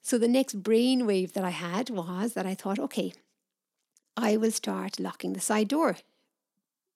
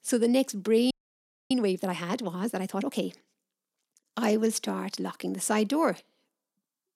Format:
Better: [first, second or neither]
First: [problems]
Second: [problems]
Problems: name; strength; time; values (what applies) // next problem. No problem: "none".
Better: first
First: none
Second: audio freezing; at 1 s for 0.5 s